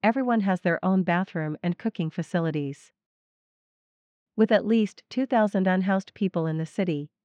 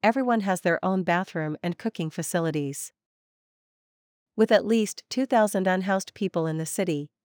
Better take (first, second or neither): second